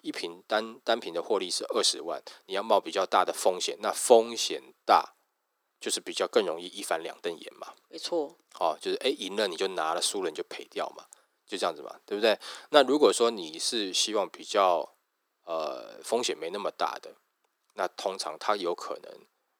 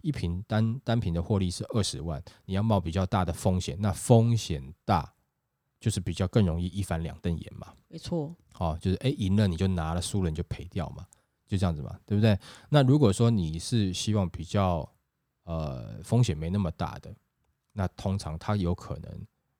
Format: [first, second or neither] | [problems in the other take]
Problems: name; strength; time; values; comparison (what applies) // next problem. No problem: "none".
second | thin; very; fading below 350 Hz